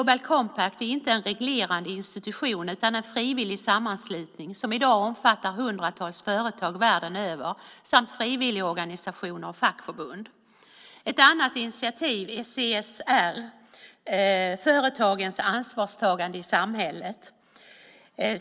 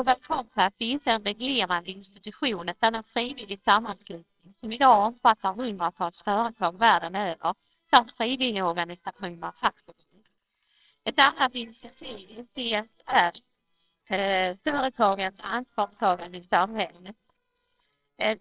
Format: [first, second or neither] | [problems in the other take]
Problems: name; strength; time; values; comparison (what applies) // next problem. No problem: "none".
first | noise reduction (neural separator model SepFormer WHAMR!)